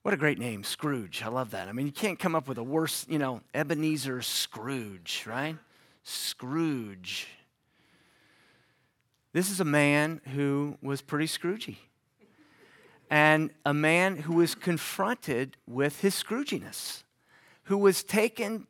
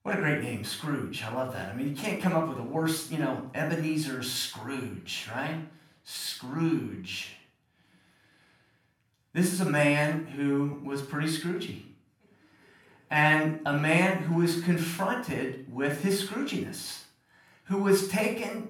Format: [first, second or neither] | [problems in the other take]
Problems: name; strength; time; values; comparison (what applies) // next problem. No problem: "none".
first | off-mic speech; far // room echo; noticeable; dies away in 0.4 s